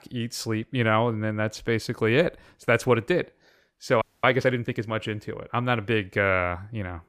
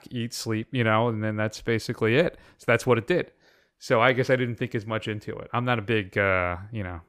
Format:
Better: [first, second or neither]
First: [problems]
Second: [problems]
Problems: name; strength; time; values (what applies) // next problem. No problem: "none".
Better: second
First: audio freezing; at 4 s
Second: none